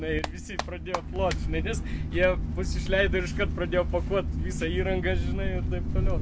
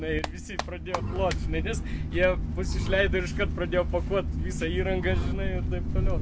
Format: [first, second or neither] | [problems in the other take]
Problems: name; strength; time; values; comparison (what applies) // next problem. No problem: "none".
first | background sound (Bowed string instrument); 12 dB below the speech